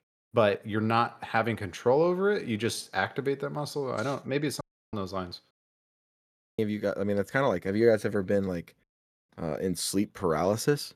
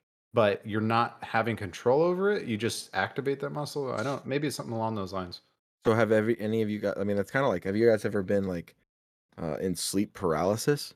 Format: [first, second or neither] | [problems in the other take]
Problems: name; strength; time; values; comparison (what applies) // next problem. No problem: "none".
second | audio cutting out; at 4.5 s and at 5.5 s for 1 s